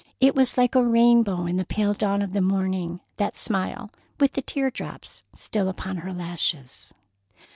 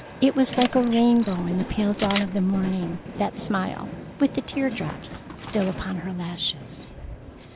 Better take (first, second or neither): first